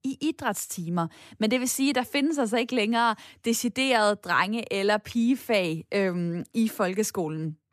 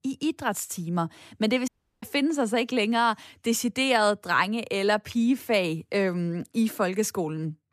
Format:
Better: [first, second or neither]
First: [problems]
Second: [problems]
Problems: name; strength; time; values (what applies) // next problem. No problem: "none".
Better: first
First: none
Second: audio cutting out; at 1.5 s